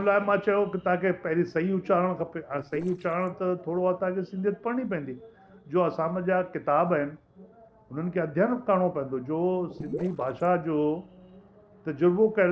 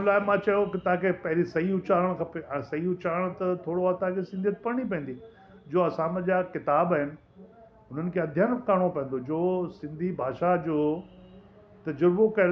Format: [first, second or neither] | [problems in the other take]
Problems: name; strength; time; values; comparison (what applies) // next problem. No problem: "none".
second | noise reduction (neural separator model SepFormer DNS4)